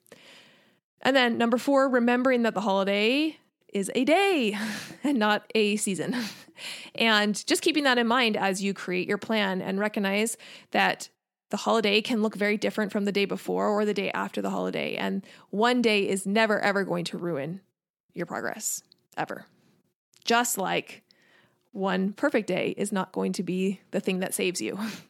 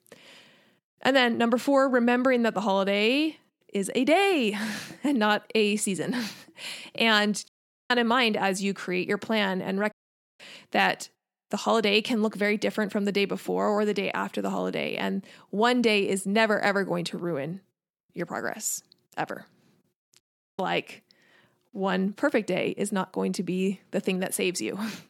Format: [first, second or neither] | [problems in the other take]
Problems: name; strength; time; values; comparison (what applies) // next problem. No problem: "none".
first | audio cutting out; at 7.5 s, at 10 s and at 20 s